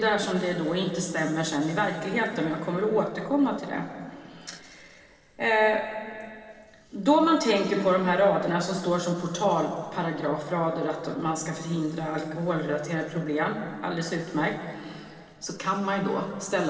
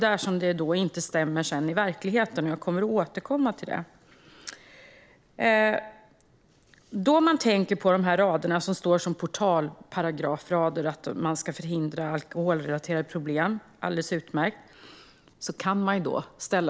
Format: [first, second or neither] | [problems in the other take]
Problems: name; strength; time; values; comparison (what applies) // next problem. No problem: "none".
second | room echo; dies away in 2.5 s